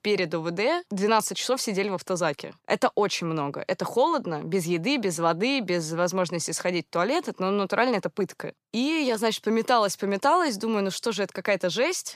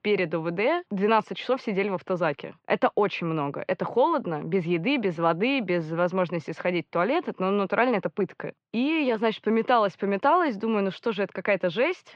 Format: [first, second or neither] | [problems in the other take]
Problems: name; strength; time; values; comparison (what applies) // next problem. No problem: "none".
first | muffled; very; fading above 3 kHz